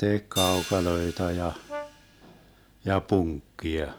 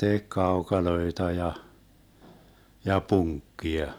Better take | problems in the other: second | background sound (Brass instrument + Hi-hat); 11 dB below the speech

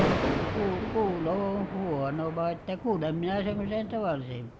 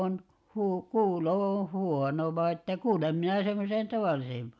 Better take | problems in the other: second | background sound (Thunder); 3 dB below the speech

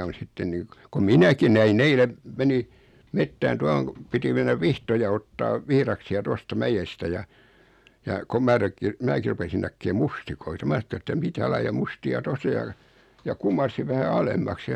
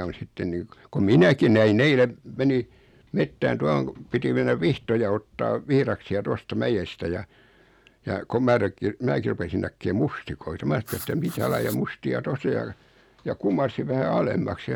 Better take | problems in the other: first | background sound (Writing); 16 dB below the speech

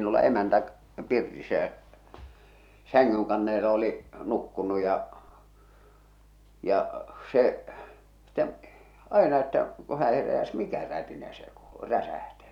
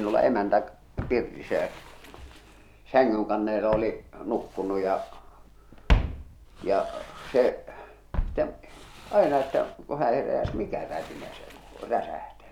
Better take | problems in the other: first | background sound (Walk, footsteps); 7 dB below the speech

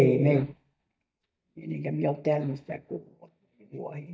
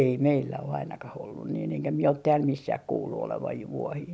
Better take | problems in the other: second | noise reduction (neural mask model DeepFilterNet 3)

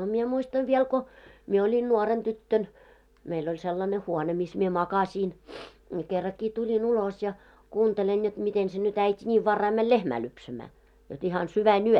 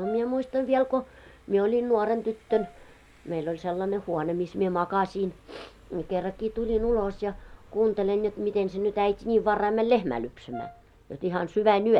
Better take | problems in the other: first | background sound (Brass instrument + Car passing by); 19 dB below the speech

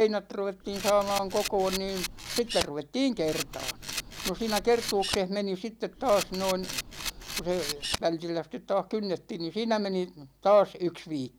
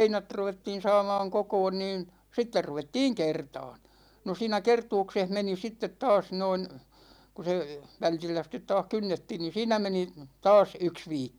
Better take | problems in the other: second | background sound (Camera); 7 dB below the speech

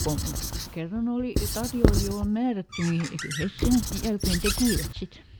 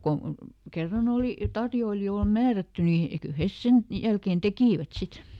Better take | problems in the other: second | background sound (Squeak / Writing); 1 dB below the speech

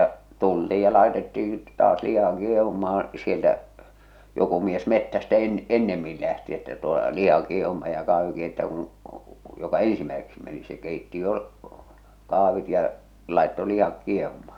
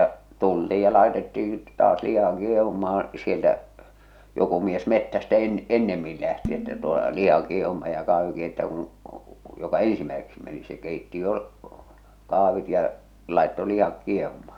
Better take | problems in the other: first | background sound (Dishes, pots, and pans); 15 dB below the speech

